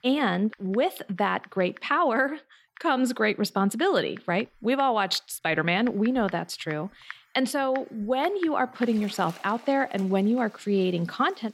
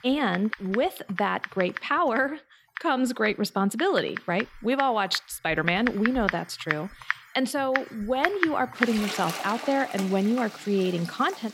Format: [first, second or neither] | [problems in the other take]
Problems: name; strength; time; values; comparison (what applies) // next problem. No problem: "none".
first | household noises; loud; throughout; 7 dB below the speech; faint in the first